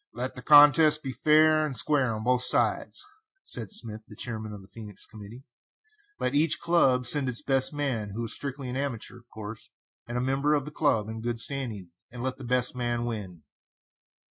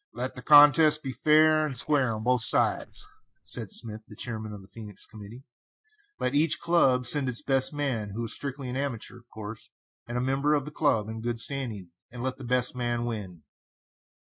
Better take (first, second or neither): first